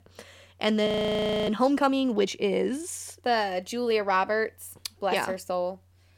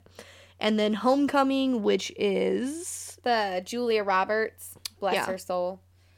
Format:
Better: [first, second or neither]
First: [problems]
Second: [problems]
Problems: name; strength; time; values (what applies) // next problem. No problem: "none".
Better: second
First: audio freezing; at 1 s for 0.5 s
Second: none